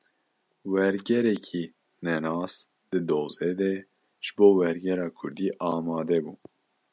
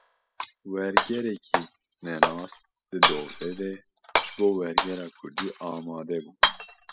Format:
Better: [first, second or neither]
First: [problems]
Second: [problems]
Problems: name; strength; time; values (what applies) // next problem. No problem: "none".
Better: first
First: none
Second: noise reduction (classical method spectral subtraction)